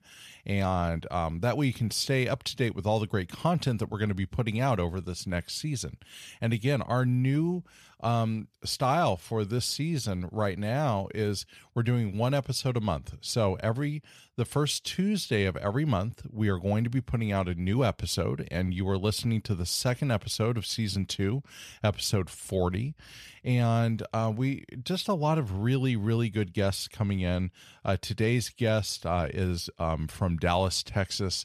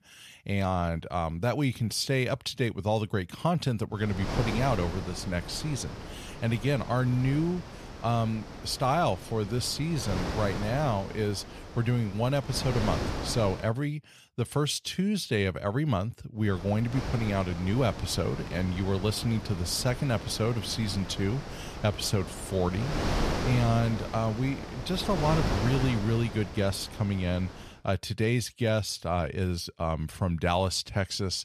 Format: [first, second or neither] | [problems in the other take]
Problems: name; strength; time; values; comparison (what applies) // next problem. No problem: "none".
first | wind noise on the microphone; heavy; from 4 to 14 s and from 16 to 28 s; 7 dB below the speech